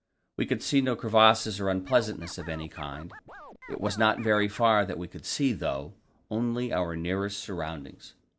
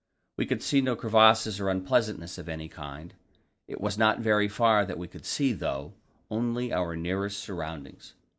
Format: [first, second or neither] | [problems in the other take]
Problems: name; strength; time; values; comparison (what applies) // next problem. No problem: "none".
second | background sound (Scratching (performance technique)); 18 dB below the speech